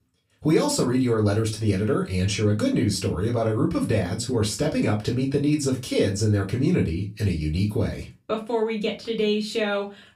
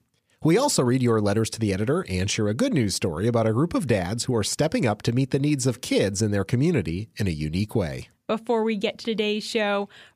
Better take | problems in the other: second | off-mic speech; far // room echo; very slight; dies away in 0.2 s

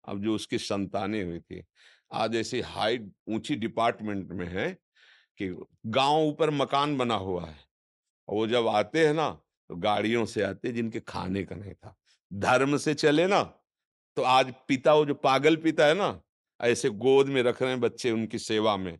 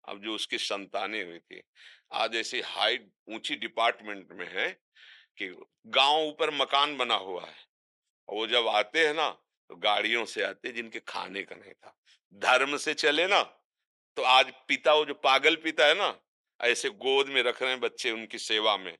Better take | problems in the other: first | thin; somewhat; fading below 500 Hz

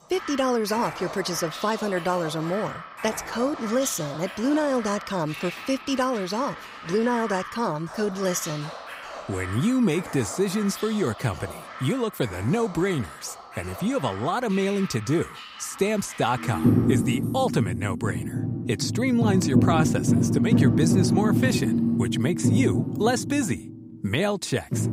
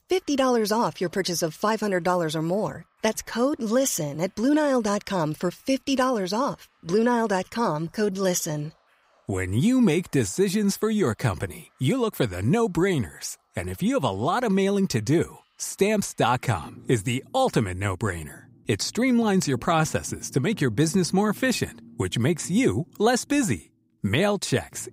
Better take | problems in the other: second | background music; loud; throughout; 2 dB below the speech; faint in the second

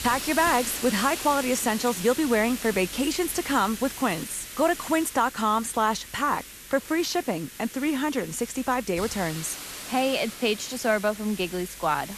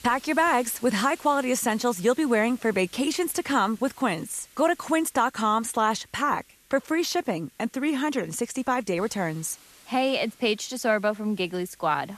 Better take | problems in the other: second | hiss; loud; throughout; 10 dB below the speech; faint in the second

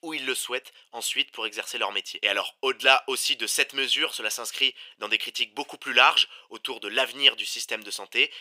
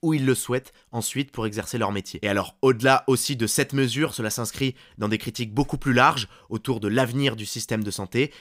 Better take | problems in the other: second | thin; very; fading below 500 Hz

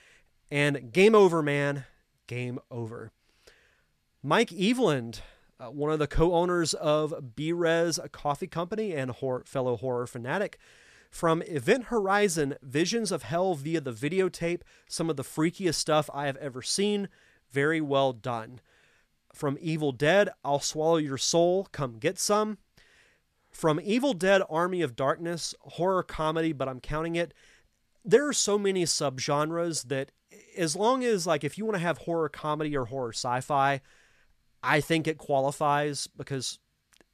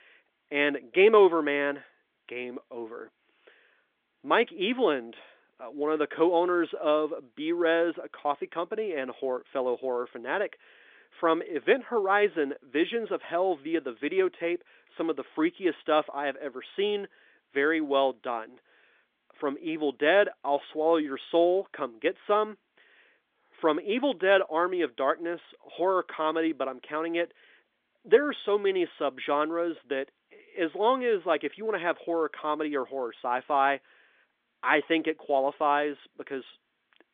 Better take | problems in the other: first | phone-call audio; nothing above 3.5 kHz

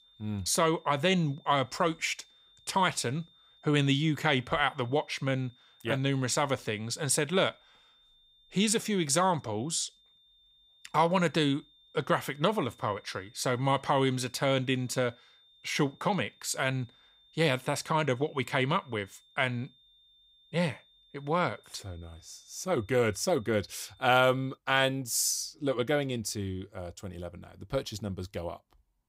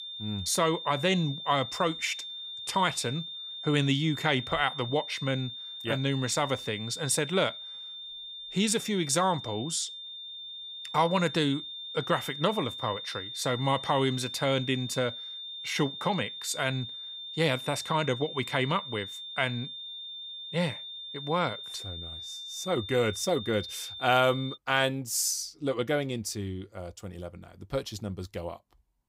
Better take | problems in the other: first | high-pitched whine; loud; until 25 s; 3.5 kHz, 8 dB below the speech; faint in the first

